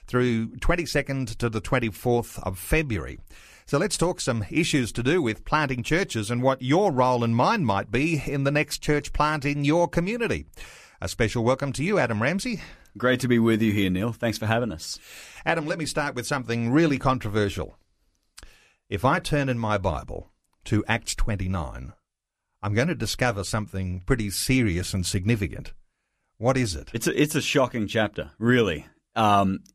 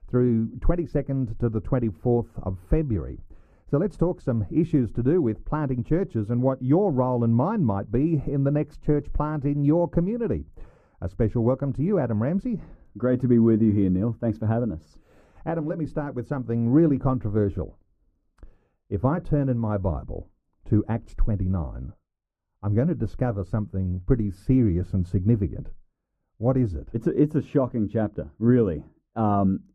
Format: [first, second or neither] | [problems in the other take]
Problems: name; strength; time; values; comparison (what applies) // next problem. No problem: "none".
first | muffled; very; fading above 1 kHz